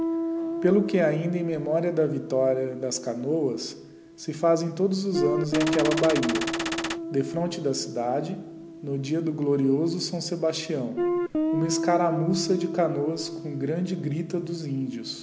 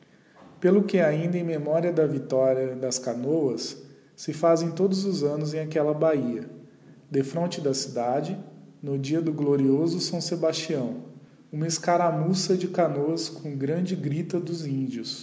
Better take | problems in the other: second | background sound (Guitar + Gunshot, gunfire); 5 dB below the speech

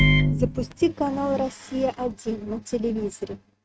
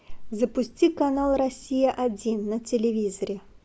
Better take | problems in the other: second | noise reduction (neural mask model RNNoise)

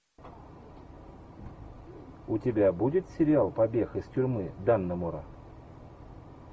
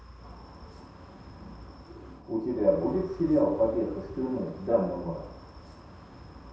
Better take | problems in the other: first | background sound (Wind); 17 dB below the speech // room echo; dies away in 0.7 s

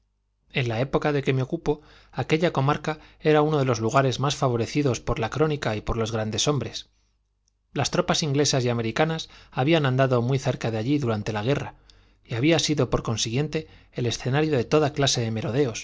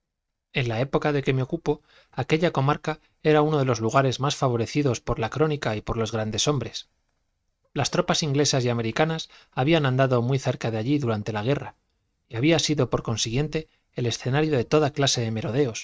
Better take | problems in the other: first | noise reduction (neural mask model RNNoise)

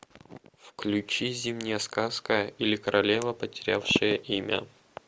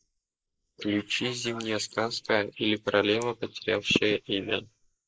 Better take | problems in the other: first | noise reduction (neural mask model Resemble Enhance denoiser)

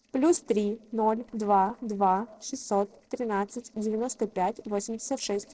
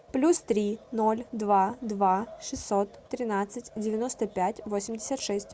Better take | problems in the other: second | noise reduction (neural separator model SepFormer DNS4)

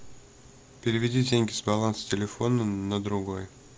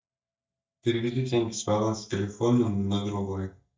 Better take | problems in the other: first | noise reduction (neural mask model DeepFilterNet 3)

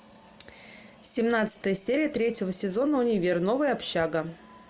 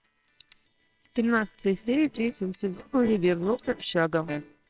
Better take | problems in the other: first | noise reduction (neural separator model SepFormer WHAMR!)

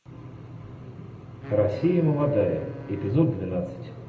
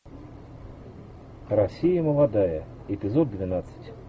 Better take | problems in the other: second | background sound (Wind instrument, woodwind instrument); 17 dB below the speech // room echo; dies away in 0.7 s

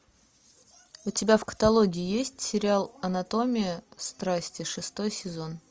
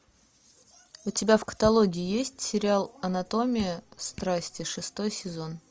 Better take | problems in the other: first | background sound (Drip); 19 dB below the speech

